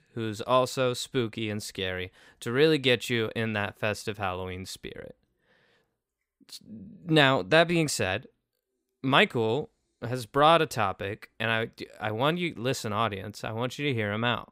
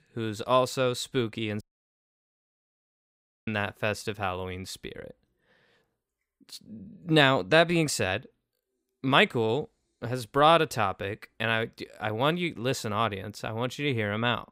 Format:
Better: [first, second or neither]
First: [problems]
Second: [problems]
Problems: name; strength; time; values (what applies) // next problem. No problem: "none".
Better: first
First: none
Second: audio cutting out; at 1.5 s for 2 s